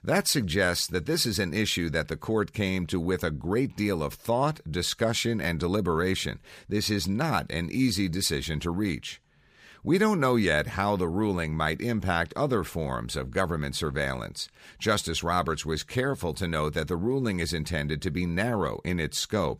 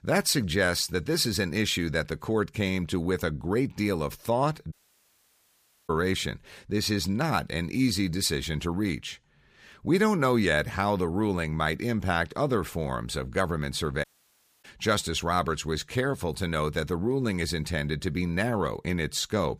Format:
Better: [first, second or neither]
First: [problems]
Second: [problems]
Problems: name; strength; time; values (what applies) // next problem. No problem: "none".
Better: first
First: none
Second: audio cutting out; at 4.5 s for 1 s and at 14 s for 0.5 s